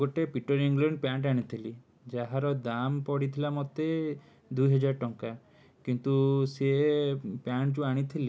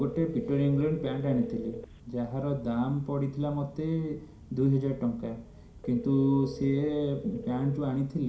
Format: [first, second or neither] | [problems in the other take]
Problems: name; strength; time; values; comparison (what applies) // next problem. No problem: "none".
first | background sound (Telephone); 14 dB below the speech // room echo; dies away in 0.5 s